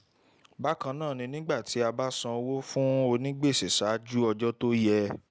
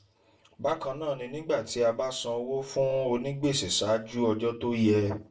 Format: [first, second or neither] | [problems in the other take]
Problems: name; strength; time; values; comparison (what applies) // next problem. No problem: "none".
first | room echo; dies away in 0.3 s